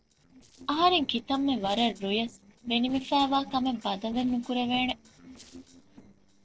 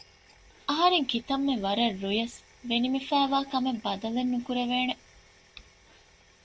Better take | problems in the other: second | noise reduction (neural separator model SepFormer DNS4)

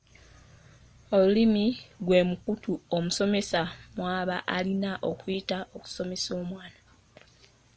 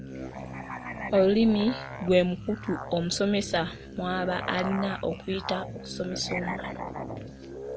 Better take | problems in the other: first | background sound (Musical instrument); 9 dB below the speech

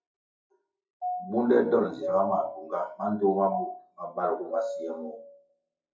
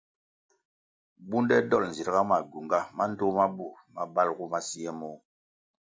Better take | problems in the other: second | noise reduction (classical method WPE with log-MMSE)

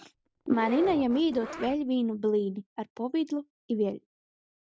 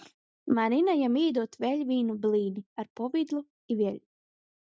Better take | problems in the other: second | background sound (Zipper (clothing)); 12 dB below the speech

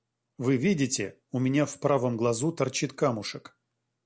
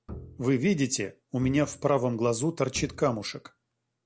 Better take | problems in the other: first | background sound (Bowed string instrument); 18 dB below the speech

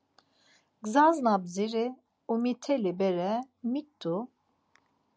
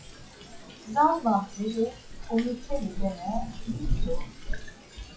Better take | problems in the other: first | noise reduction (classical method WPE with log-MMSE)

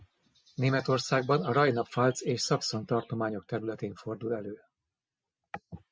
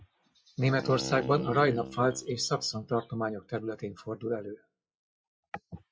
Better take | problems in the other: first | noise reduction (classical method log-MMSE)

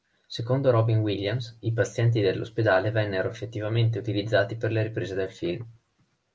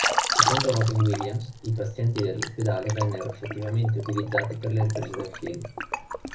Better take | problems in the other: first | background sound (Liquid); 3 dB below the speech // room echo; dies away in 0.4 s

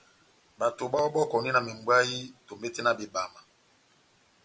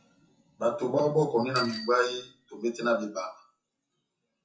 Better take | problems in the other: first | noise reduction (classical method WPE with log-MMSE)

